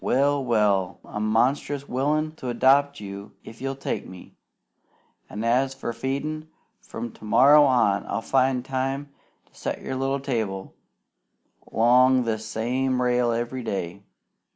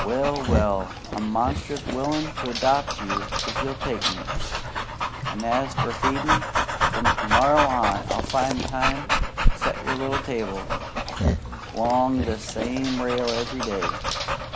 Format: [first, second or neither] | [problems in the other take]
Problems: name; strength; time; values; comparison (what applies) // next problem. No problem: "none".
first | background sound (Dog); 1 dB above the speech